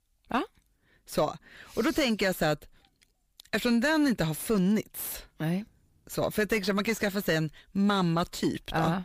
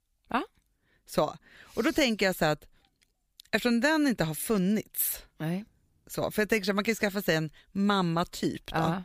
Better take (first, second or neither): second